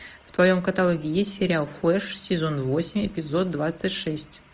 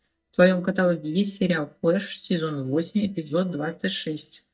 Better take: first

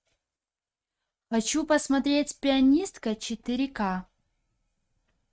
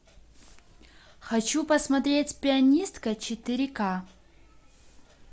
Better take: second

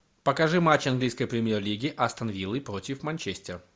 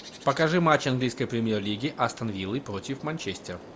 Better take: first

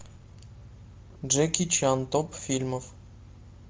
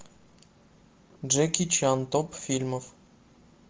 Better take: second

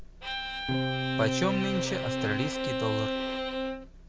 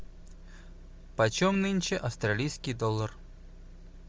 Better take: second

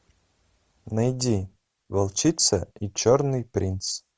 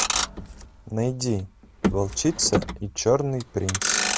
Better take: first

